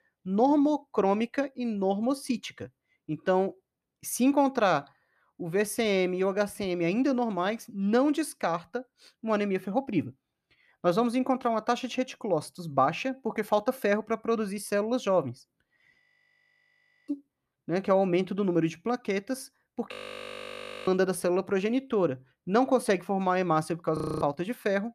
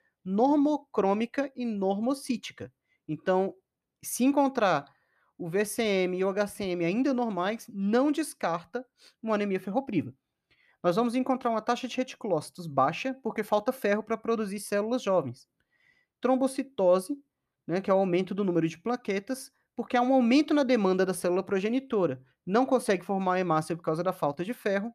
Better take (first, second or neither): second